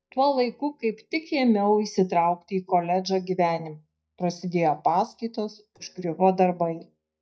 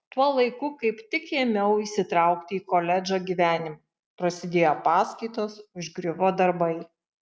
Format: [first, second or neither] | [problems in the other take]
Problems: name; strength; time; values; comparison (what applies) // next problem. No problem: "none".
second | noise reduction (neural mask model DeepFilterNet 3)